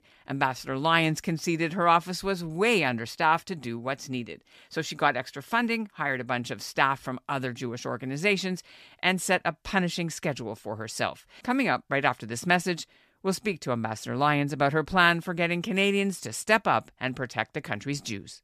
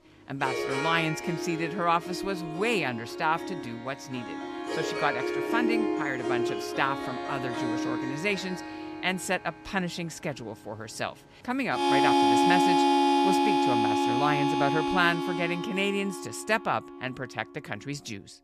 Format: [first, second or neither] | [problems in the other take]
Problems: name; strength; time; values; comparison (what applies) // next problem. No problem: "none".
first | background music; very loud; throughout; 2 dB above the speech